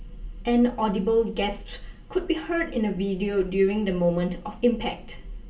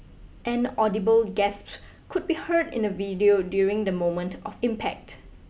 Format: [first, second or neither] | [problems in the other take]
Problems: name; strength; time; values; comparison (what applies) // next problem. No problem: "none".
second | room echo; dies away in 0.2 s